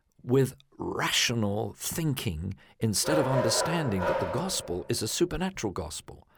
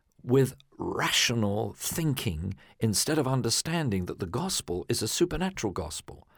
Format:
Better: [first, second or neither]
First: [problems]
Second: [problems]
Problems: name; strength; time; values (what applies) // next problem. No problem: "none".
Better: second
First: dog barking; loud; from 3 to 4.5 s; peak 1 dB above the speech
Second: none